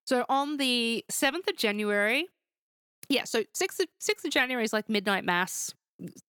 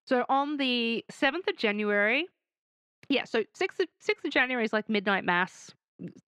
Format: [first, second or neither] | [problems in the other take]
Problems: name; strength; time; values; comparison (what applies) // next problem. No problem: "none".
first | muffled; slightly; fading above 2.5 kHz